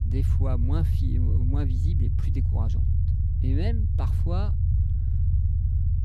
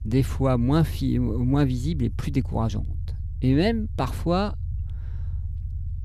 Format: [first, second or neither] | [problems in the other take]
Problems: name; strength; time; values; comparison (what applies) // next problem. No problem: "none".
second | low rumble; loud; throughout; 2 dB below the speech; faint in the second